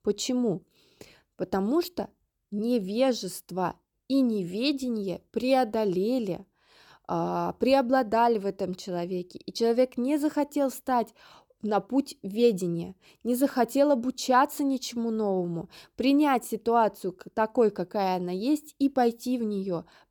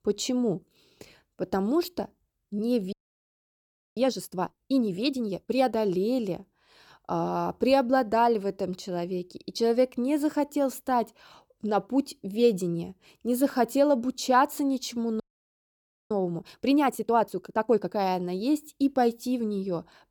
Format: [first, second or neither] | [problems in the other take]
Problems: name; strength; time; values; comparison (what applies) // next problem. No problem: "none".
first | audio freezing; at 3 s for 1 s and at 15 s for 1 s